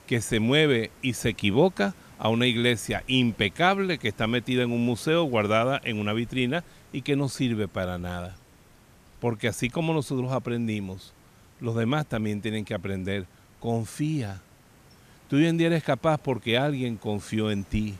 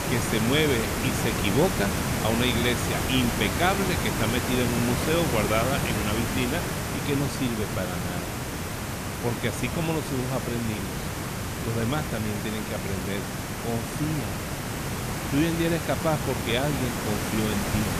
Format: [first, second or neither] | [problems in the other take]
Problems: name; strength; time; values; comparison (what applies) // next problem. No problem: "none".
first | hiss; loud; throughout; 1 dB below the speech; faint in the first